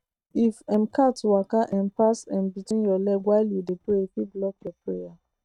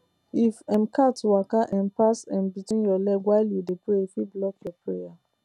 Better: second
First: noise reduction (neural mask model RNNoise)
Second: none

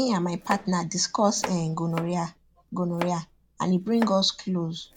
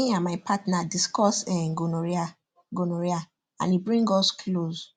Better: second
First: background sound (Domestic sounds, home sounds); 14 dB below the speech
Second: none

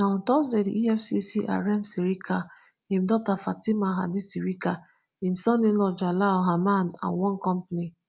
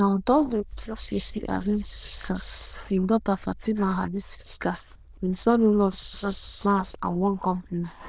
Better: first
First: none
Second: noise reduction (neural diffusion model UNIVERSE++)

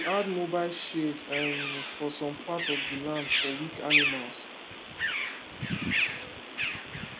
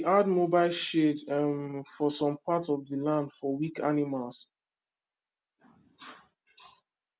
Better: second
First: background sound (Bird vocalization, bird call, bird song); 2 dB above the speech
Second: none

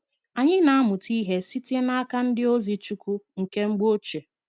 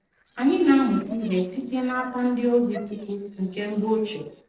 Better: first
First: none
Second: noise reduction (neural separator model SepFormer DNS4)

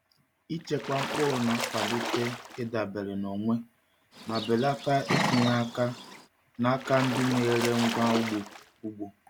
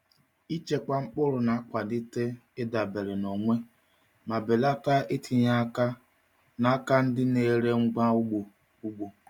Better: second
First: background sound (Livestock, farm animals, working animals + Splash, splatter); 5 dB below the speech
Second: none

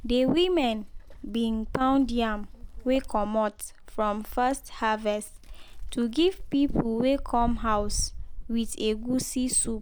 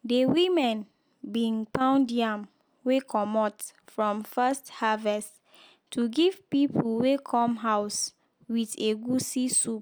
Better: second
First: background sound (Wind); 9 dB below the speech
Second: none

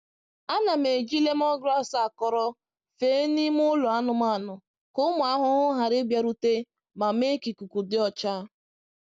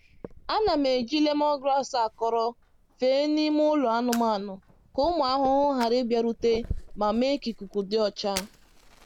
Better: first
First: none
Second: background sound (Fire); 17 dB below the speech

